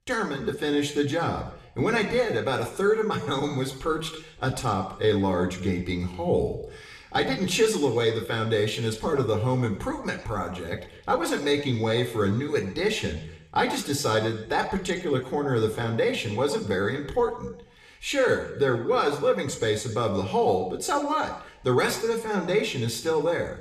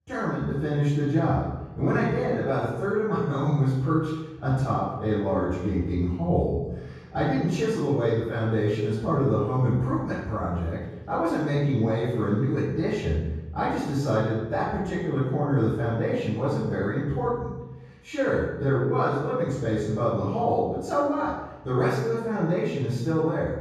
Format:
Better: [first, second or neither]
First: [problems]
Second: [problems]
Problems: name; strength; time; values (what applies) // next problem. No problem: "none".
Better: first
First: room echo; slight; dies away in 0.8 s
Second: room echo; strong; dies away in 1.3 s // off-mic speech; far